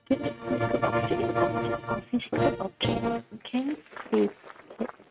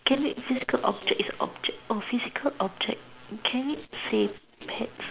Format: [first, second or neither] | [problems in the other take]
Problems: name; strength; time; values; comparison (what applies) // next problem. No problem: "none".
second | noise reduction (neural mask model RNNoise)